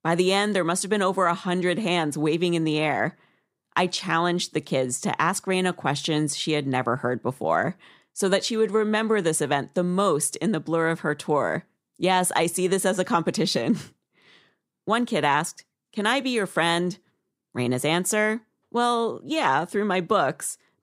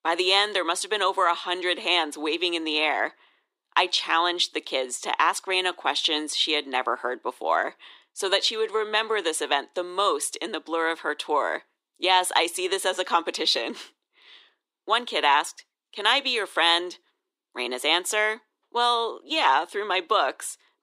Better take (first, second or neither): first